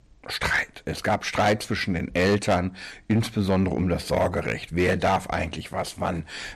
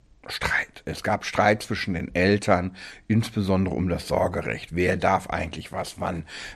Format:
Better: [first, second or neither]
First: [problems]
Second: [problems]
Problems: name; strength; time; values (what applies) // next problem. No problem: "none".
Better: second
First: distortion; slight; 6% of the sound clipped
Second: none